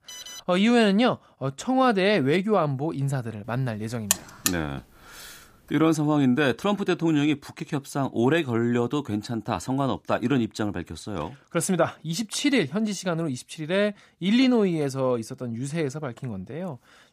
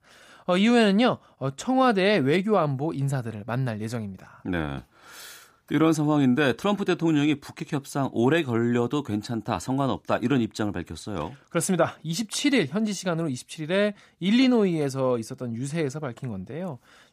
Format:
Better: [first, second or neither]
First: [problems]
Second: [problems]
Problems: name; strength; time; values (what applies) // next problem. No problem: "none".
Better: second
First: alarm; faint; at the start; peak 15 dB below the speech // alarm; loud; at 4 s; peak 1 dB above the speech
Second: none